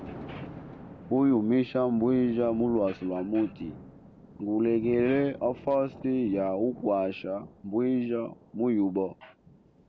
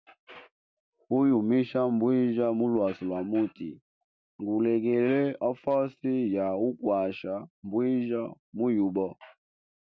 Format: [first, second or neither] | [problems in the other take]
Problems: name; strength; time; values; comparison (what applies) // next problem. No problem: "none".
second | background sound (Thunder); 18 dB below the speech